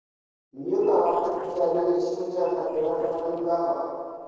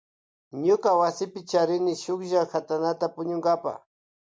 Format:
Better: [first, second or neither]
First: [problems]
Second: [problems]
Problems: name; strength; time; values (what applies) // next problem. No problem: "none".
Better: second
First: noise reduction (neural separator model SepFormer DNS4)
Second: none